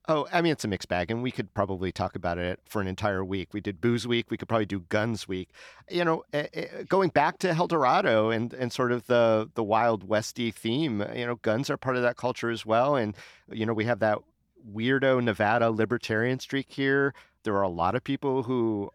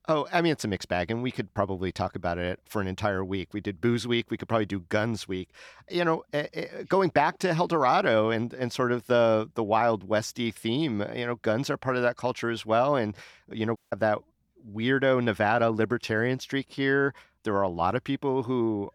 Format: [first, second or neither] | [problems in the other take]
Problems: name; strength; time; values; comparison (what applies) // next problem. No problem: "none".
first | audio cutting out; at 14 s